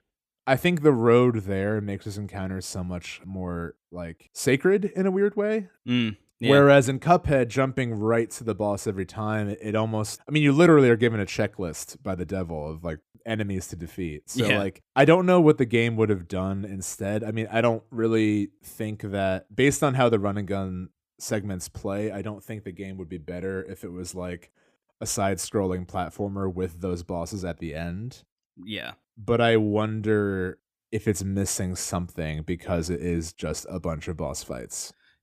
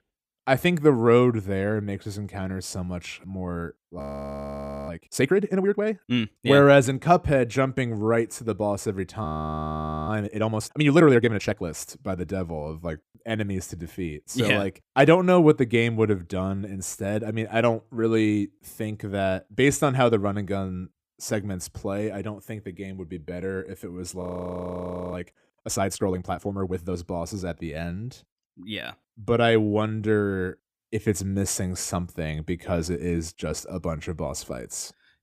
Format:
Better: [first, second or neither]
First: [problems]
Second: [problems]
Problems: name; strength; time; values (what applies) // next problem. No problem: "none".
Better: first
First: none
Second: audio freezing; at 4 s for 1 s, at 9 s for 1 s and at 24 s for 1 s